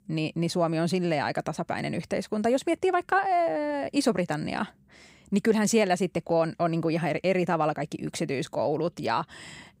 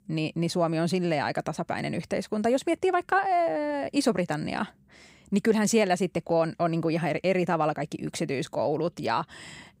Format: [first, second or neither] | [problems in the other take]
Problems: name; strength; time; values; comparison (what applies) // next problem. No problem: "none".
neither | none